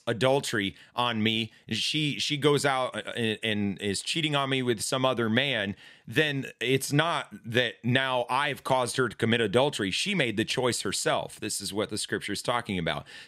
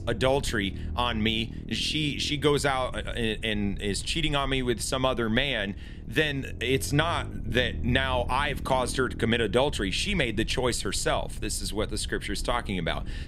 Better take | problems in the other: first | low rumble; faint; throughout; 20 dB below the speech

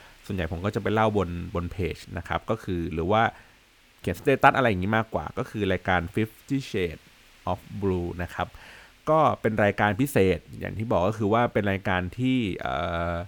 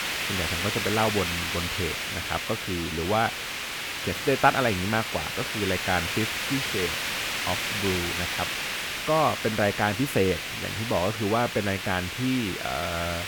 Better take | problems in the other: first | hiss; loud; throughout; 1 dB below the speech; faint in the first

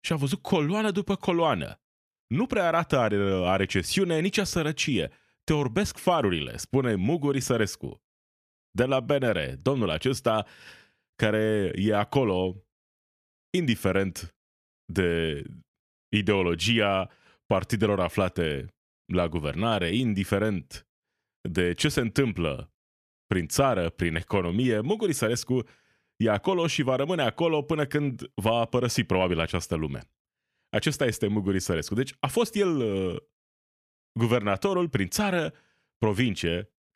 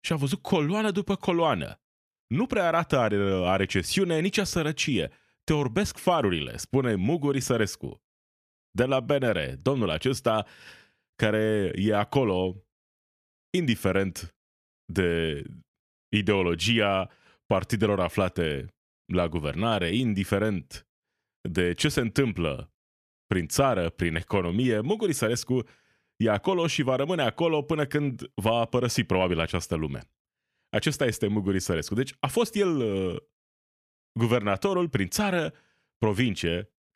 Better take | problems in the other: neither | none

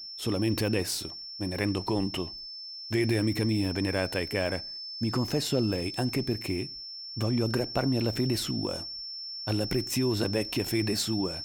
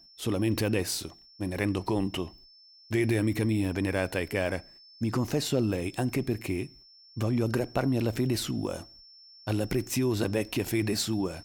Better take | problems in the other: second | high-pitched whine; loud; throughout; 5.5 kHz, 7 dB below the speech; faint in the second

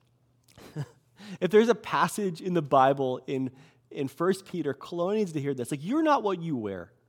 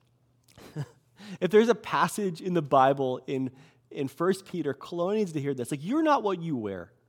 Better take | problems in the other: neither | none

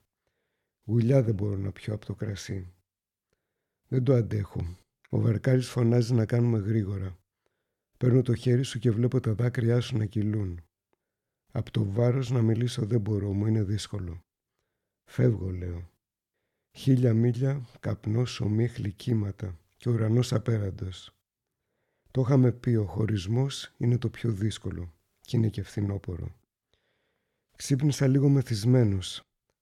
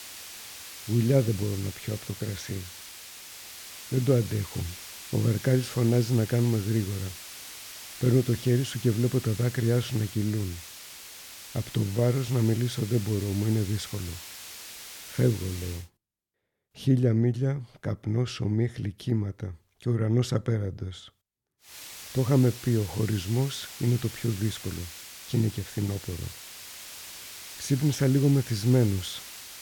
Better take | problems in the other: first | hiss; noticeable; until 16 s and from 22 s on; 15 dB below the speech

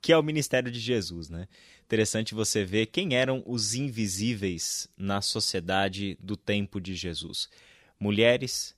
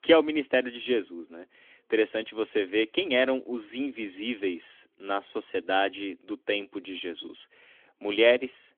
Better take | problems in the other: first | phone-call audio; nothing above 3.5 kHz

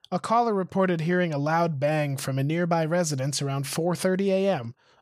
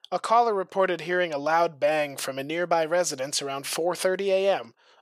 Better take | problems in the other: first | thin; very; fading below 450 Hz

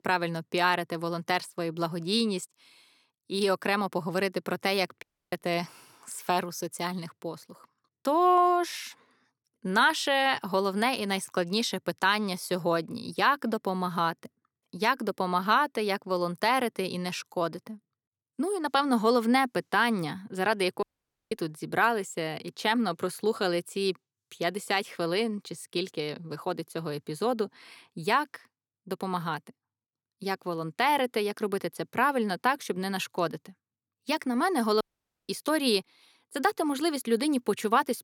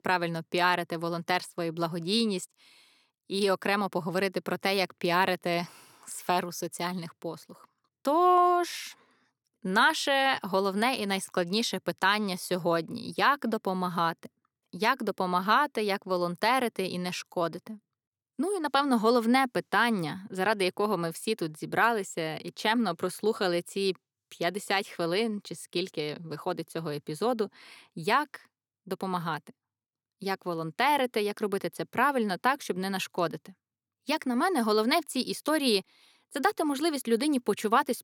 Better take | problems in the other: second | audio cutting out; at 5 s, at 21 s and at 35 s

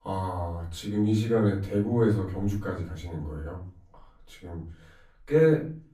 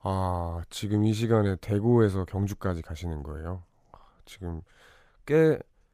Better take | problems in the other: second | off-mic speech; far // room echo; slight; dies away in 0.4 s

